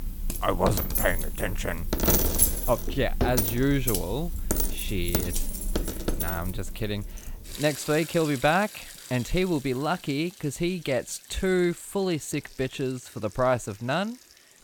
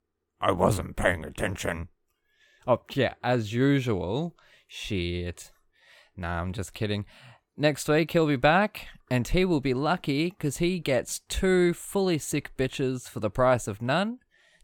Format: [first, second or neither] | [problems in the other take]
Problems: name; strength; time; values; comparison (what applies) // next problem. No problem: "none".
second | household noises; loud; throughout; 1 dB below the speech